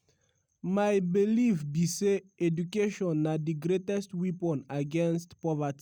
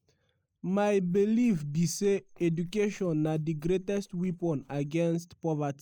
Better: first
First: none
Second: noise reduction (neural mask model Resemble Enhance denoiser)

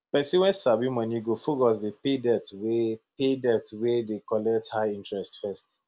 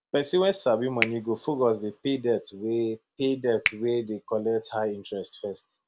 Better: first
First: none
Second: background sound (Finger snapping); 10 dB below the speech

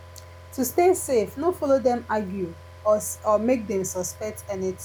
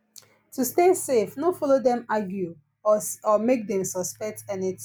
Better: second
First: background sound (Car); 19 dB below the speech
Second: none

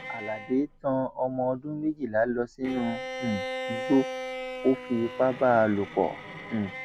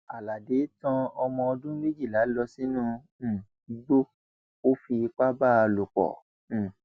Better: second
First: background sound (Bowed string instrument); 10 dB below the speech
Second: none

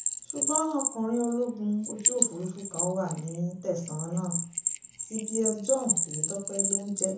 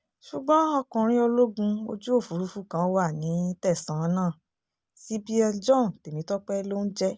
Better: second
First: background sound (Bell); 1 dB above the speech // room echo; dies away in 0.6 s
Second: none

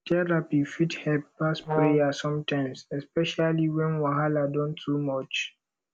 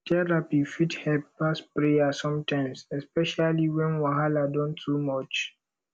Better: second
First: background sound (Brass instrument); 2 dB below the speech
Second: none

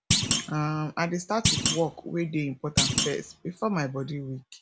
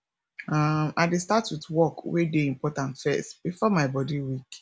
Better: second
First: background sound (Thump, thud); 1 dB above the speech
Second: none

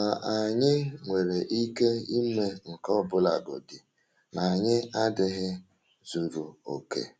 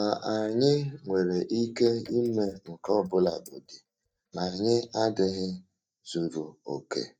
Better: first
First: none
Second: noise reduction (neural mask model DeepFilterNet 3)

